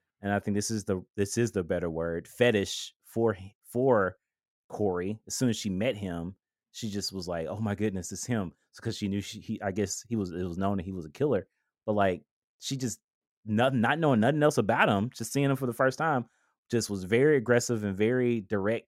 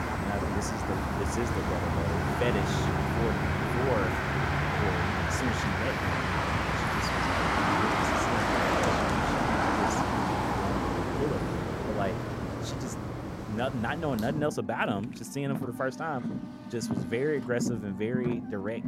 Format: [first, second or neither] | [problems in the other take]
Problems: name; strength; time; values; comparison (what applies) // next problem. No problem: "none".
first | traffic noise; very loud; throughout; 5 dB above the speech